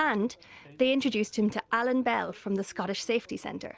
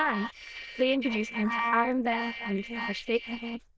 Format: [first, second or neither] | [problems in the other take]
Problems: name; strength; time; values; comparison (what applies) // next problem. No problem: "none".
first | noise reduction (neural diffusion model UNIVERSE++)